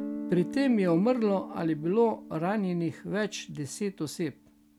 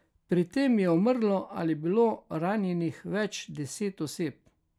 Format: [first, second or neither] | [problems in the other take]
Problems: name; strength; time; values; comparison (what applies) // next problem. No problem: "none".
second | background sound (Guitar); 13 dB below the speech